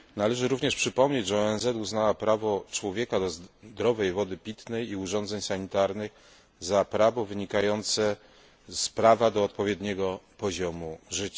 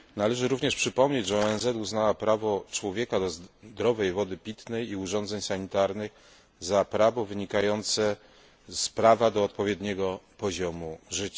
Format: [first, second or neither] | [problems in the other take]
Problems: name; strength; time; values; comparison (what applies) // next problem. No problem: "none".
first | background sound (Splash, splatter); 19 dB below the speech